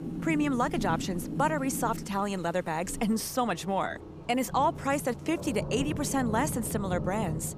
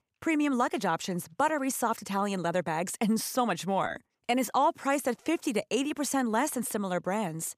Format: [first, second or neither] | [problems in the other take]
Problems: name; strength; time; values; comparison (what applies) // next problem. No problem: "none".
second | rain or running water; loud; throughout; 7 dB below the speech